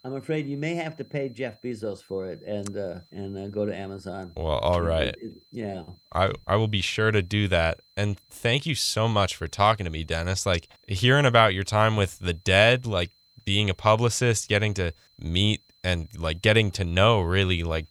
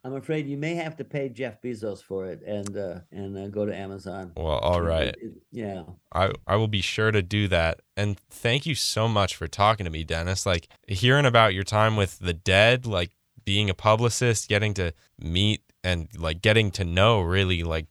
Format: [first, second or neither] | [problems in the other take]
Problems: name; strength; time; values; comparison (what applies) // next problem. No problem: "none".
second | high-pitched whine; faint; throughout; 4 kHz, 35 dB below the speech